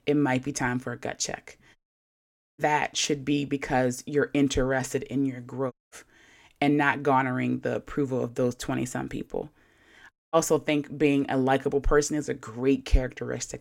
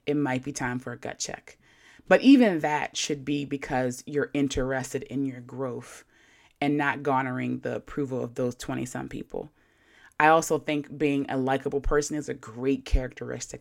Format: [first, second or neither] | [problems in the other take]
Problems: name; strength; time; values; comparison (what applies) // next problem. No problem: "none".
second | audio cutting out; at 2 s for 1 s, at 5.5 s and at 10 s